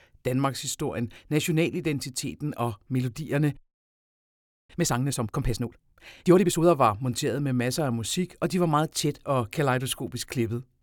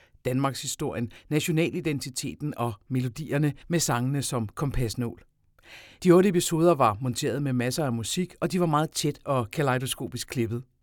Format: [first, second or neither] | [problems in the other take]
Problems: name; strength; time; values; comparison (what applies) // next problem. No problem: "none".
second | audio freezing; at 3.5 s for 1 s